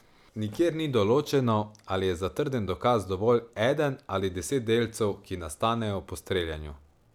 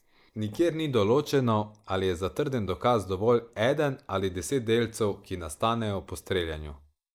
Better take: first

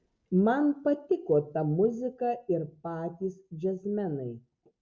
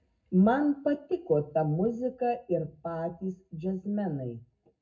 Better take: first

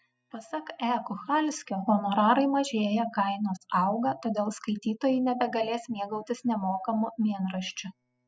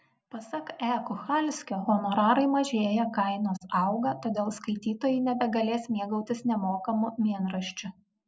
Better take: second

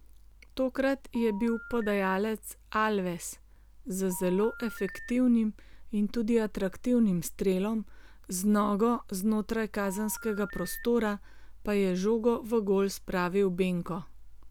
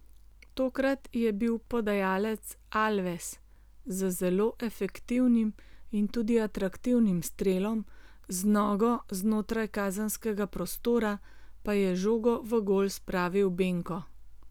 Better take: second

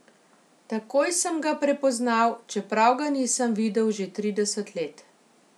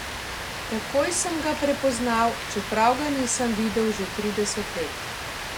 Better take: first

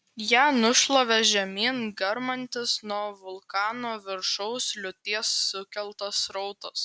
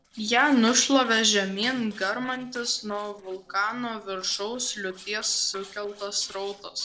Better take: first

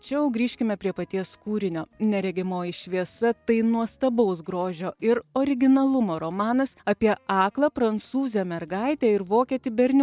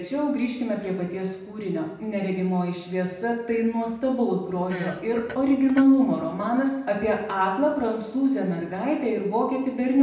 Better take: first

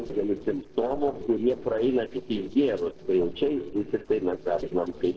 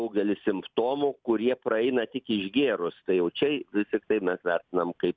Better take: second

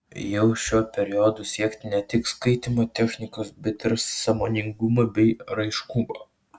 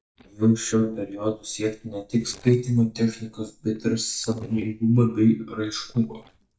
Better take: first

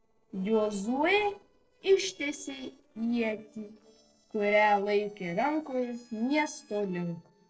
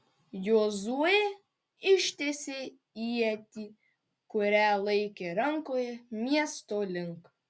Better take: second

